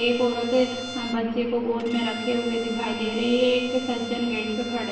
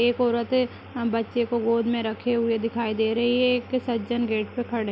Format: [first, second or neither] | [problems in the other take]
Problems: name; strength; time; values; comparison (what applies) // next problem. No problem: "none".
second | background sound (Bowed string instrument); 12 dB below the speech // room echo; dies away in 1.1 s